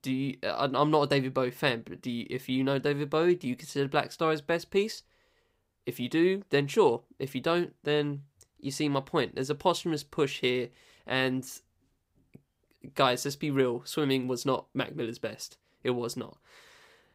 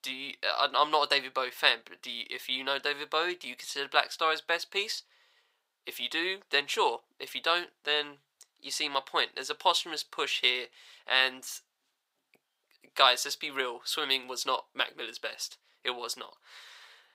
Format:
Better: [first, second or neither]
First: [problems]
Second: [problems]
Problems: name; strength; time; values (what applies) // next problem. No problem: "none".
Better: first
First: none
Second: thin; very; fading below 850 Hz